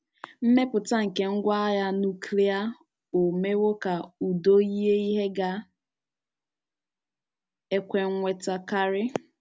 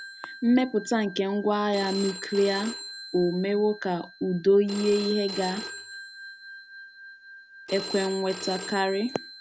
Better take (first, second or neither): first